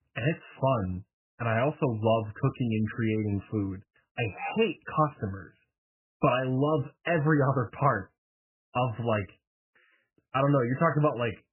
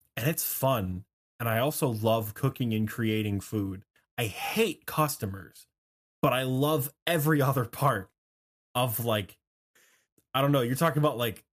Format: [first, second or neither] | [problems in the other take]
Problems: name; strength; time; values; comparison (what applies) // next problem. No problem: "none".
second | garbled, watery; badly; nothing above 3 kHz